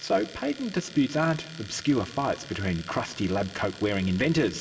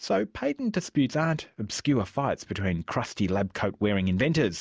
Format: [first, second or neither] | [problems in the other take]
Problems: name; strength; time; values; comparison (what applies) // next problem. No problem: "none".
second | background sound (Domestic sounds, home sounds); 18 dB below the speech // room echo; dies away in 1.1 s